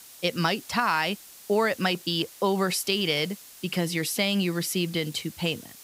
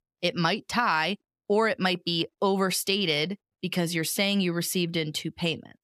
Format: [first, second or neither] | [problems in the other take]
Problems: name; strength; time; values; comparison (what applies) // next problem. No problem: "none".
second | hiss; noticeable; throughout; 20 dB below the speech